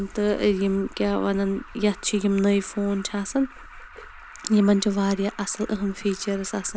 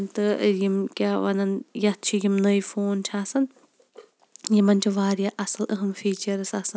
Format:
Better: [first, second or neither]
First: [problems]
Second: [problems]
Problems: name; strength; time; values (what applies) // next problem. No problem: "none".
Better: second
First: background sound (Alarm); 18 dB below the speech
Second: none